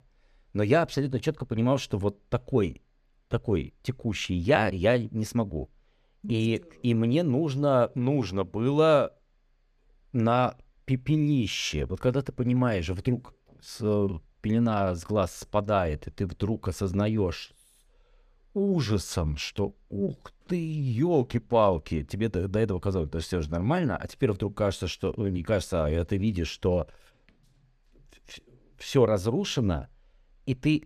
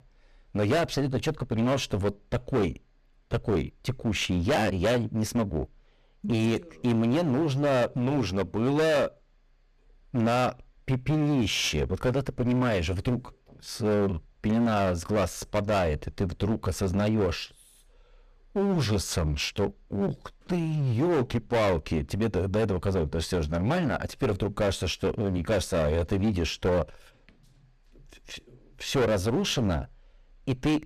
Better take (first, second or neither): first